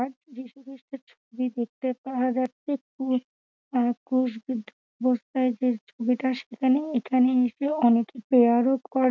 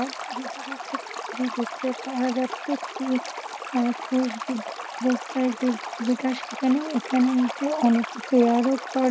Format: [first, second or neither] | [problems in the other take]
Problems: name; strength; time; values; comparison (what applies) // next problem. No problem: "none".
first | background sound (Stream); 10 dB below the speech